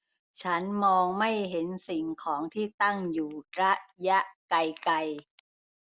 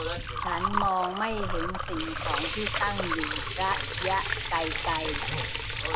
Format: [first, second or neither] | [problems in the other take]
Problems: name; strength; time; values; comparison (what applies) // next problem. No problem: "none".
first | background sound (Sink (filling or washing) / Water + Liquid); 1 dB above the speech